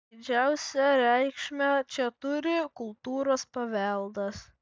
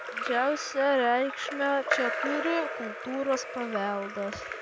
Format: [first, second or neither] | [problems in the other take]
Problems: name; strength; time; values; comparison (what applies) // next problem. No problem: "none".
first | background sound (Drip / Trickle, dribble / Splash, splatter); 5 dB below the speech